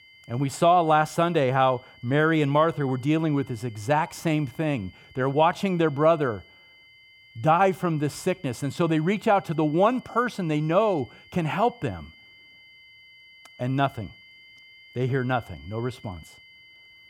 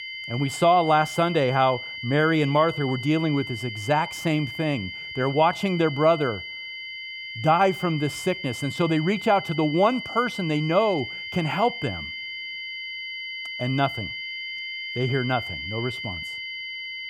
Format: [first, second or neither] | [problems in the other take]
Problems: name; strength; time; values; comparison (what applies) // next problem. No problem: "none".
first | high-pitched whine; loud; throughout; 2 kHz, 8 dB below the speech; faint in the first